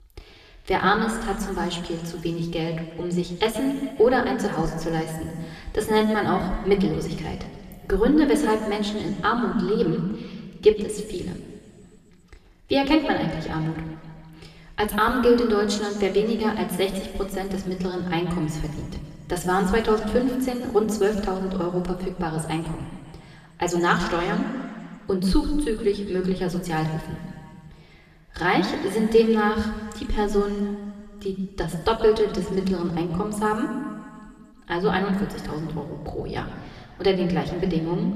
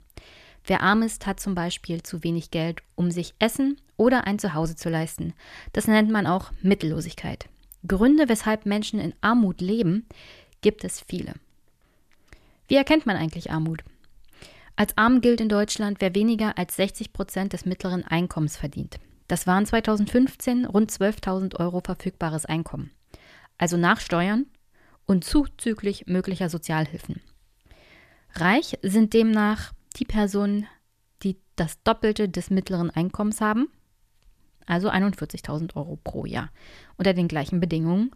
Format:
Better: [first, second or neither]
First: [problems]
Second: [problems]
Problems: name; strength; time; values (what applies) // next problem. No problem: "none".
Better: second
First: room echo; slight; dies away in 2.1 s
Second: none